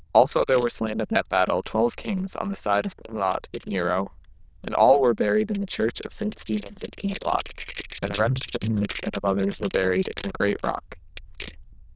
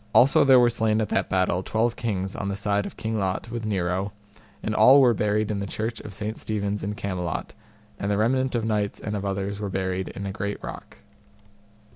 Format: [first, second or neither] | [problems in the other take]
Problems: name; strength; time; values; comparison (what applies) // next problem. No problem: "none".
second | noise reduction (neural diffusion model UNIVERSE++)